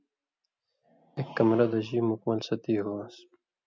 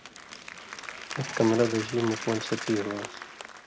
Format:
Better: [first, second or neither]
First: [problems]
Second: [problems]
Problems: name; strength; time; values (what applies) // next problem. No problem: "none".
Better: first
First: none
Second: background sound (Applause + Ratchet, pawl); 9 dB below the speech